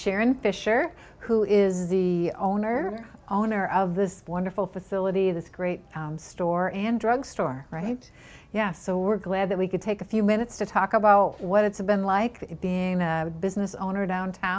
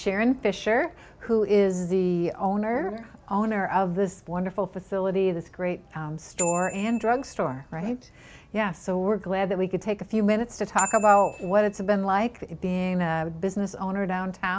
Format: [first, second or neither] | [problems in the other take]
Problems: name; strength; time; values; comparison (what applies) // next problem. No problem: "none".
first | background sound (Bicycle bell); 15 dB below the speech